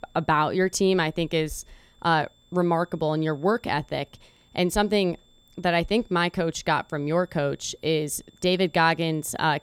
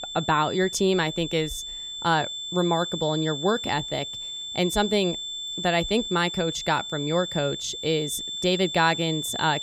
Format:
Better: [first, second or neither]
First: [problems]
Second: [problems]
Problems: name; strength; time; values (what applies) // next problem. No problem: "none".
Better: first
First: high-pitched whine; faint; throughout; 3.5 kHz, 35 dB below the speech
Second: high-pitched whine; loud; throughout; 3.5 kHz, 6 dB below the speech